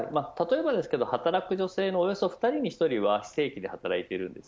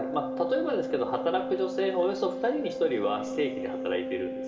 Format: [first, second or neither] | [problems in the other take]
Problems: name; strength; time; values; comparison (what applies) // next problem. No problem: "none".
first | background sound (Organ); 5 dB below the speech // room echo; dies away in 2.3 s